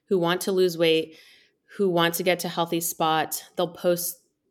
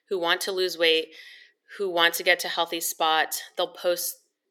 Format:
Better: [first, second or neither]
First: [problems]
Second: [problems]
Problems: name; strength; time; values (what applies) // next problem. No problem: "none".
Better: first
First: none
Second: thin; very; fading below 500 Hz